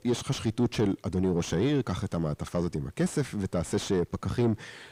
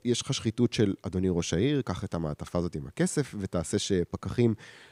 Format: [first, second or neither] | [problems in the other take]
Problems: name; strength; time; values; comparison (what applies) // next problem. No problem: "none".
second | distortion; slight; 9 dB below the speech